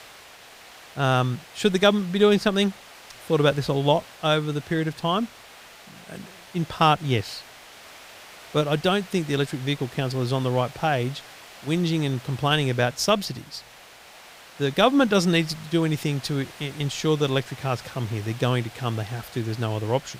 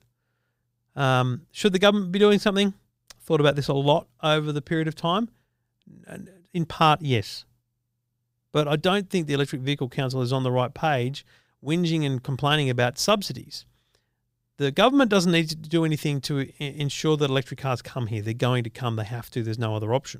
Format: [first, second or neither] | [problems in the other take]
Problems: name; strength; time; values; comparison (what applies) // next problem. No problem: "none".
second | hiss; noticeable; throughout; 20 dB below the speech